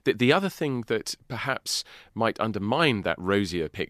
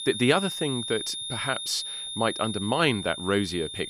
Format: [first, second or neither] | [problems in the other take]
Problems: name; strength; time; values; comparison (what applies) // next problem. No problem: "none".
first | high-pitched whine; loud; throughout; 3.5 kHz, 6 dB below the speech